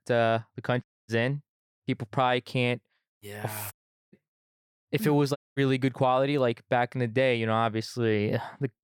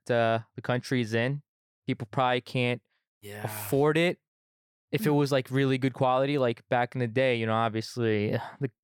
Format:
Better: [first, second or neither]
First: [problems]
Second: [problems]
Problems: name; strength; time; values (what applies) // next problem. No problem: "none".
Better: second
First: audio cutting out; at 1 s, at 3.5 s and at 5.5 s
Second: none